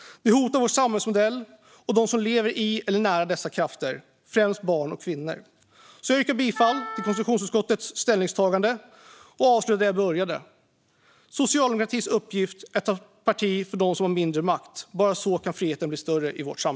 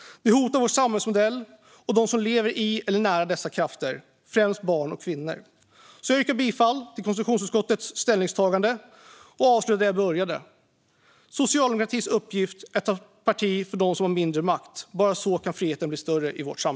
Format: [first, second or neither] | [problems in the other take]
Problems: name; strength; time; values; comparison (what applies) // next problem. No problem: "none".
second | background sound (Wind instrument, woodwind instrument); 12 dB below the speech